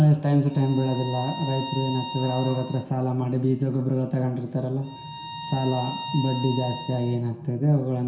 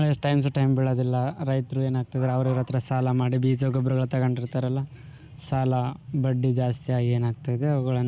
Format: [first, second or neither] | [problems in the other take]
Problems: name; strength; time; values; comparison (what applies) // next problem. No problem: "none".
second | background sound (Bowed string instrument); 11 dB below the speech // room echo; dies away in 0.7 s